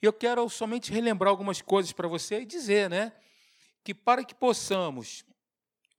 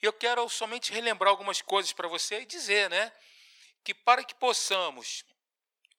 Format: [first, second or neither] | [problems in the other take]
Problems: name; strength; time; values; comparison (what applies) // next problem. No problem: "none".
first | thin; very; fading below 650 Hz